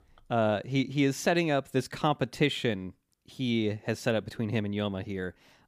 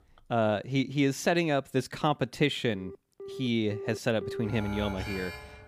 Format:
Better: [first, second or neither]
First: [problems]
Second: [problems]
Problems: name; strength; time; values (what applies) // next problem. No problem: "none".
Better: first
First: none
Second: alarms or sirens; noticeable; from 3 s on; 10 dB below the speech